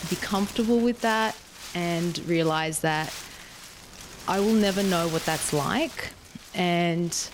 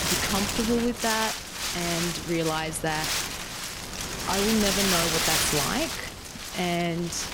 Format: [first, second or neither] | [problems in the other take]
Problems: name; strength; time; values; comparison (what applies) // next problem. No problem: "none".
first | wind noise on the microphone; heavy; 2 dB above the speech; occasional gusts in the first